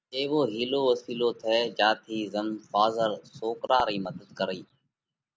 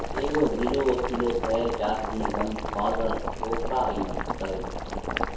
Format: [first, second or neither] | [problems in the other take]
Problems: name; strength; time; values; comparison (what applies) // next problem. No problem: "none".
first | background sound (Boiling); 2 dB below the speech // room echo; dies away in 2.3 s